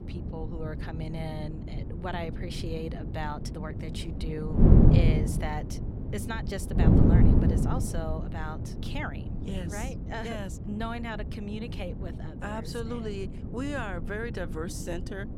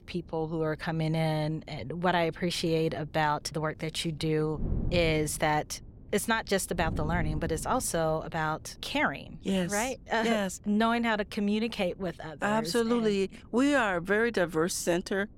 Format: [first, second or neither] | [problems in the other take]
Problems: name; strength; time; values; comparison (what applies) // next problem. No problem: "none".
second | wind noise on the microphone; heavy; 1 dB below the speech; occasional gusts in the second